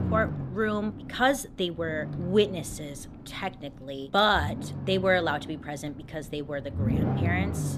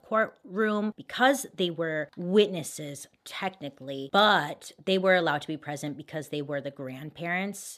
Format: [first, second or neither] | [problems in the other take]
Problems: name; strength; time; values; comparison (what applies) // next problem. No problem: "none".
second | low rumble; noticeable; throughout; 15 dB below the speech